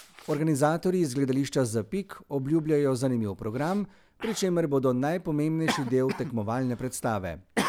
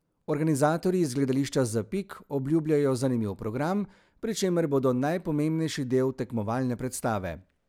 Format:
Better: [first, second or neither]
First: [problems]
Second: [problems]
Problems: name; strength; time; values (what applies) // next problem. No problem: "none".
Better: second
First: background sound (Cough); 12 dB below the speech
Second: none